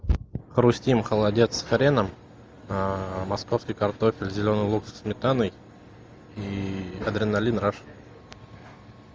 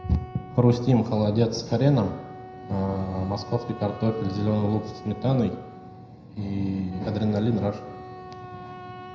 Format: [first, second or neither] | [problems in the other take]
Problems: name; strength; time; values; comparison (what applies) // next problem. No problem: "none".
first | background sound (Wind instrument, woodwind instrument); 17 dB below the speech // room echo; dies away in 0.7 s